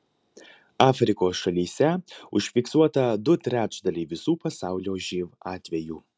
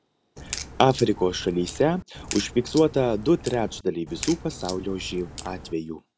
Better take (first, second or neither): first